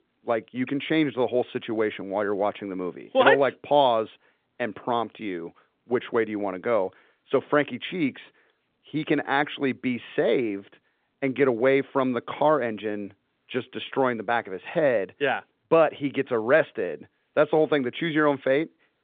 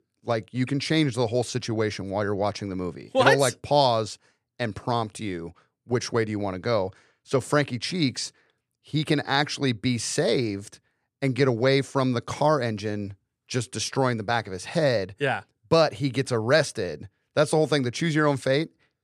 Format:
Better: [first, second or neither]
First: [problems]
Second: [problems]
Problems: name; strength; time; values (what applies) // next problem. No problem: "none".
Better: second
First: phone-call audio; nothing above 3.5 kHz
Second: none